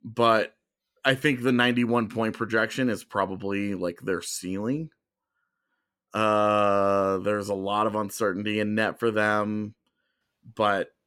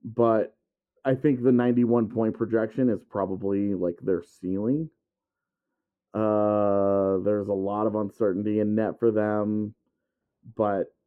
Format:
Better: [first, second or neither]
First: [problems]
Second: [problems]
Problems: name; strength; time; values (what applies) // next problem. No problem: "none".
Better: first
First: none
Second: muffled; very; fading above 1.5 kHz